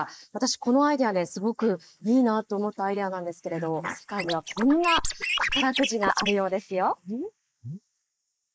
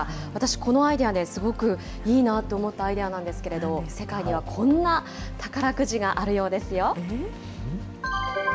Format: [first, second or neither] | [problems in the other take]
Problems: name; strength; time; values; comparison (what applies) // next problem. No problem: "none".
second | noise reduction (neural mask model Resemble Enhance denoiser)